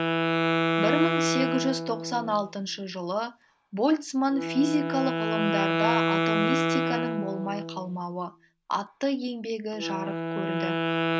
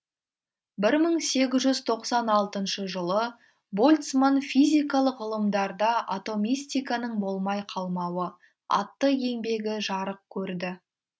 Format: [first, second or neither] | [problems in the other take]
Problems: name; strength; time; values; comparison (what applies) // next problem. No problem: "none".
second | background sound (Wind instrument, woodwind instrument); 1 dB above the speech